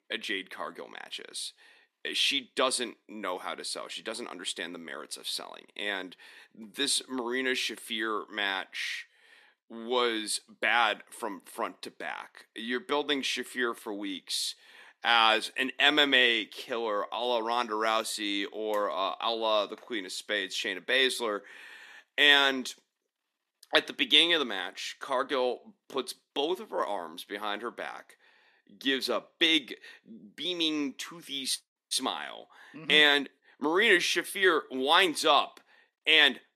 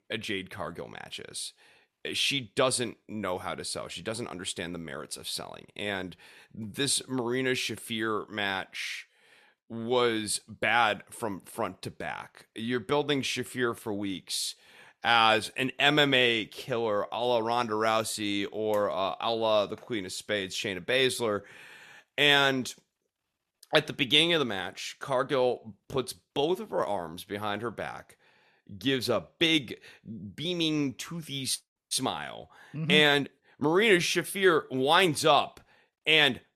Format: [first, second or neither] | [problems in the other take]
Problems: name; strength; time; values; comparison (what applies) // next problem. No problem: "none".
second | thin; very slightly; fading below 250 Hz